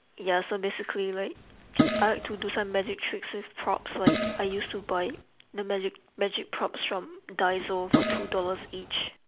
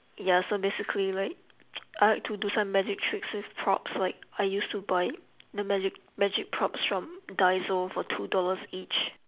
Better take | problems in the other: second | background sound (Fart); as loud as the speech

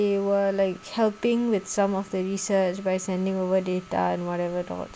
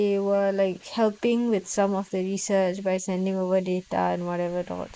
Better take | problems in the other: first | noise reduction (neural mask model Resemble Enhance denoiser)

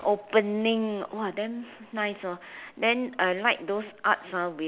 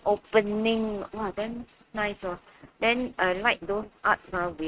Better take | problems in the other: first | noise reduction (neural mask model RNNoise)

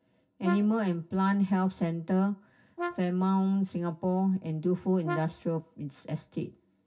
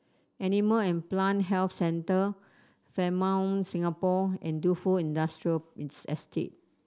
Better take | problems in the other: second | background sound (Brass instrument); 11 dB below the speech // room echo; dies away in 0.4 s

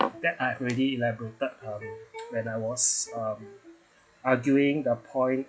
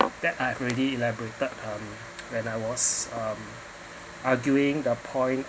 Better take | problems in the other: second | noise reduction (classical method log-MMSE)

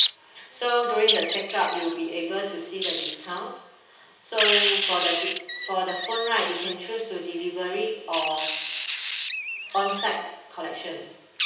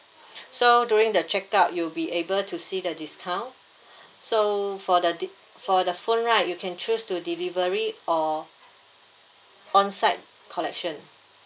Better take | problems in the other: second | background sound (Wild animals); 1 dB below the speech // room echo; dies away in 0.9 s

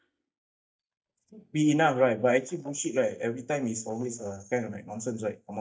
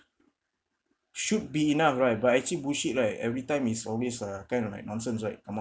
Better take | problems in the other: second | noise reduction (neural mask model DeepFilterNet 3)

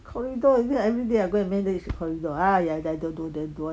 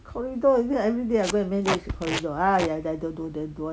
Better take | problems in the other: first | background sound (Packing tape, duct tape); 8 dB below the speech

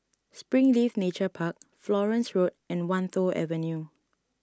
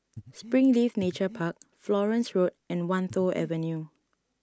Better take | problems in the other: first | background sound (Breathing); 18 dB below the speech

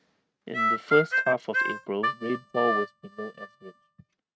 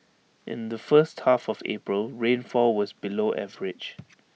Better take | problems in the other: second | noise reduction (neural mask model RNNoise)

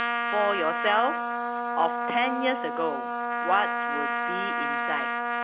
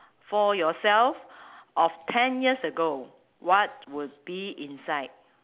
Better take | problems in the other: second | background sound (Trumpet); 1 dB above the speech

